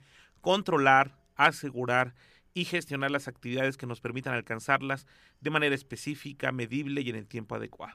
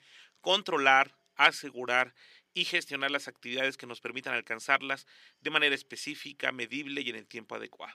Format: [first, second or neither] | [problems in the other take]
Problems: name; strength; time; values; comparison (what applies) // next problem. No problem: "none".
first | thin; very slightly; fading below 300 Hz